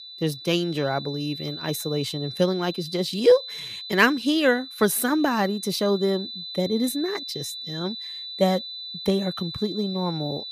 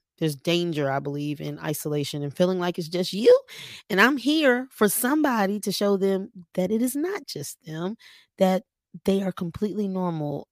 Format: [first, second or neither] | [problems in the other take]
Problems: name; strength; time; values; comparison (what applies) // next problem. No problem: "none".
second | high-pitched whine; loud; throughout; 4 kHz, 9 dB below the speech